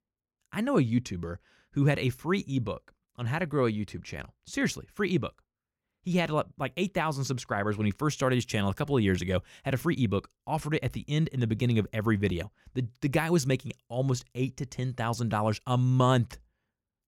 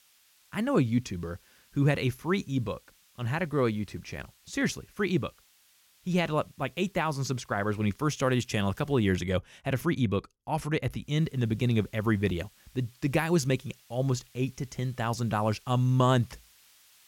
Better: first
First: none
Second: hiss; faint; until 9 s and from 11 s on; 30 dB below the speech

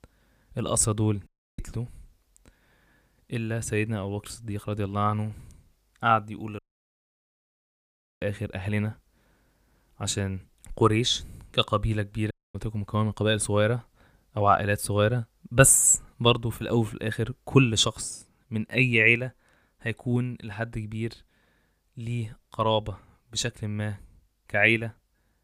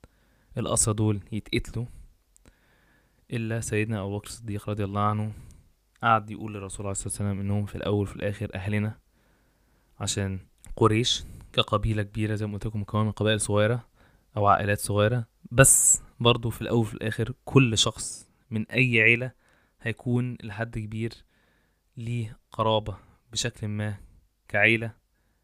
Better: second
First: audio cutting out; at 1.5 s, at 6.5 s for 1.5 s and at 12 s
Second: none

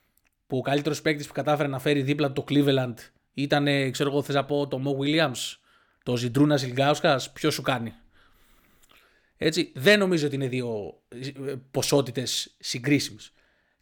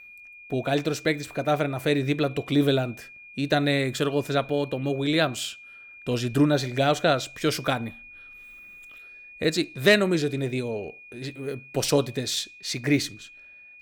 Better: first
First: none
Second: high-pitched whine; noticeable; throughout; 2.5 kHz, 20 dB below the speech

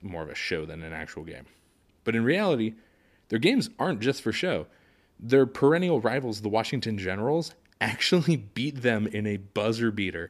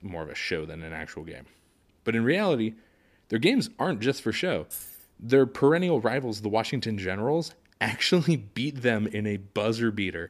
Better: first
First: none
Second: jangling keys; faint; at 4.5 s; peak 10 dB below the speech

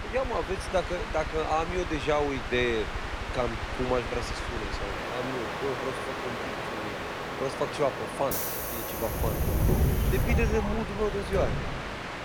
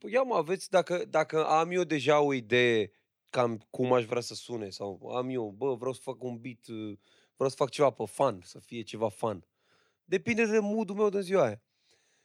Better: second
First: train or aircraft noise; loud; throughout; as loud as the speech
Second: none

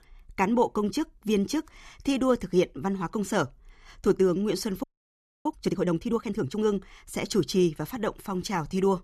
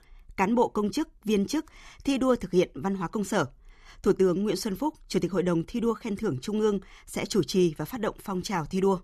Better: second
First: audio freezing; at 5 s for 0.5 s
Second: none

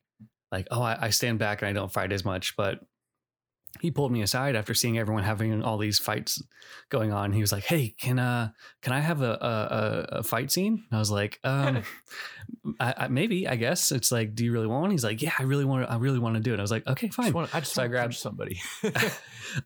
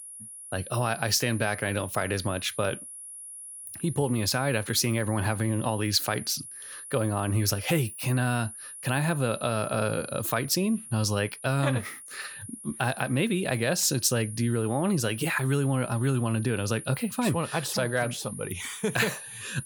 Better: first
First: none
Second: high-pitched whine; noticeable; throughout; 9.5 kHz, 10 dB below the speech

